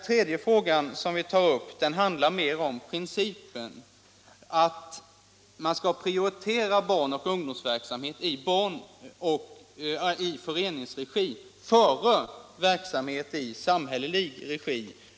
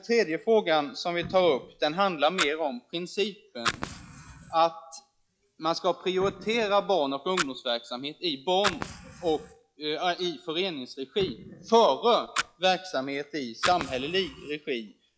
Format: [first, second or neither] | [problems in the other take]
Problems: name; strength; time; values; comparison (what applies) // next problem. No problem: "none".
first | noise reduction (classical method log-MMSE)